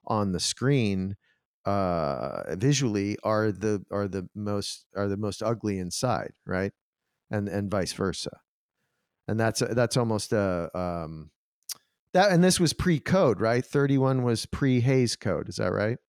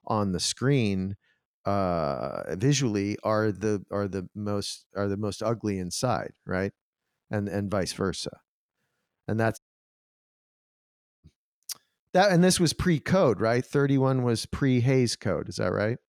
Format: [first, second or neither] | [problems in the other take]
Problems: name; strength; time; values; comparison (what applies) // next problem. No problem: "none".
first | audio cutting out; at 9.5 s for 1.5 s